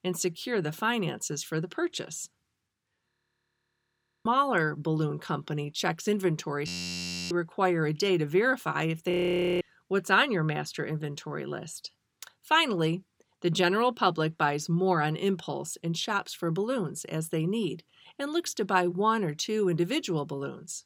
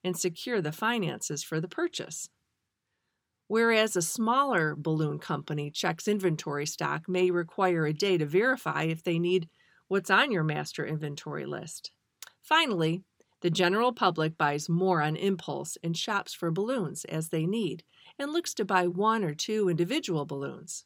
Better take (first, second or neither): second